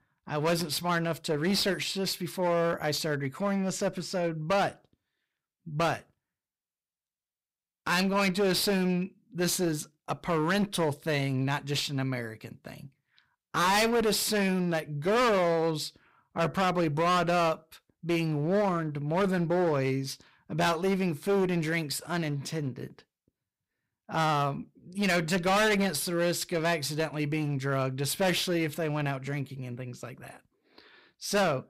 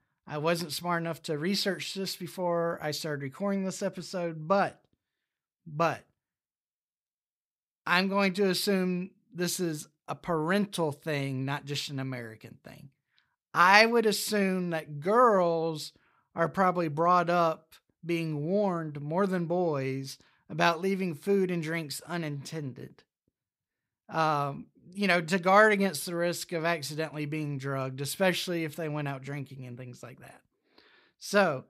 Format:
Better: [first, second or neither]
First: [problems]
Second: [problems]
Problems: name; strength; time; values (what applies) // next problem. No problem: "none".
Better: second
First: distortion; heavy; 13% of the sound clipped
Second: none